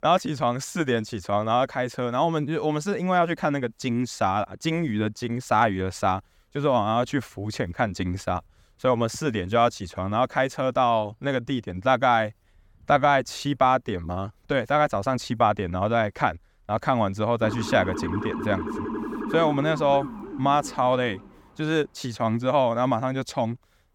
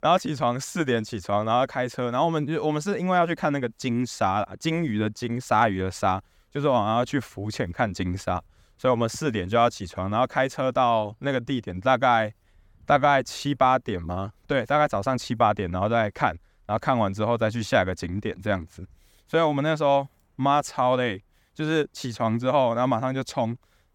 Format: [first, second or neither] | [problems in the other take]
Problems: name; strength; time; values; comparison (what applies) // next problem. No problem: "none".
second | siren; noticeable; from 17 to 21 s; peak 6 dB below the speech